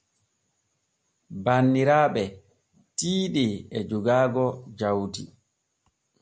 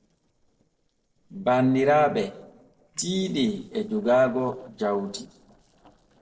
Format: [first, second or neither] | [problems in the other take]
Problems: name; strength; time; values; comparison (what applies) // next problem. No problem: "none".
first | noise reduction (neural separator model SepFormer DNS4)